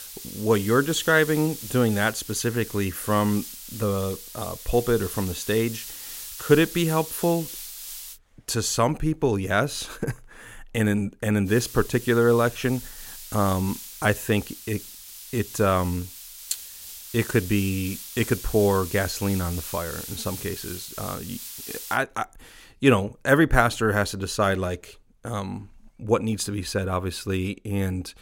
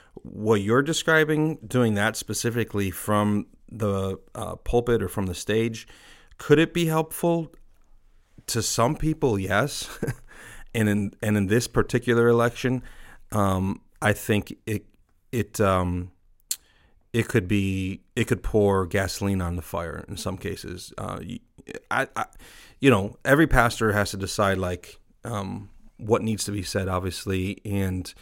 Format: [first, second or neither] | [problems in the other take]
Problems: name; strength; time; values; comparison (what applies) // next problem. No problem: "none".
second | hiss; noticeable; until 8 s and from 11 to 22 s; 10 dB below the speech